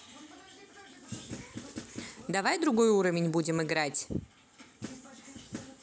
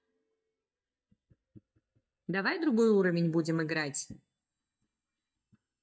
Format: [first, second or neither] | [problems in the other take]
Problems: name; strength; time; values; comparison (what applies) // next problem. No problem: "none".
first | noise reduction (neural mask model DeepFilterNet 3)